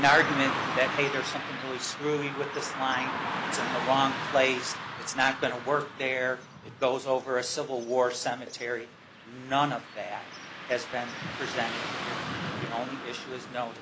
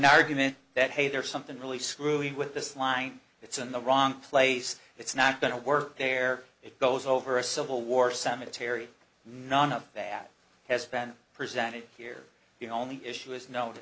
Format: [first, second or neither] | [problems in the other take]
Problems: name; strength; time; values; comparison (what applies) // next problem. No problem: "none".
second | background sound (Car passing by / Traffic noise, roadway noise); 6 dB below the speech